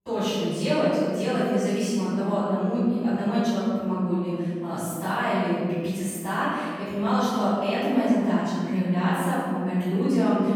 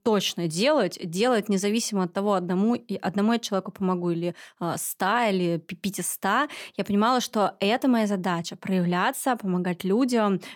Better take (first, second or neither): second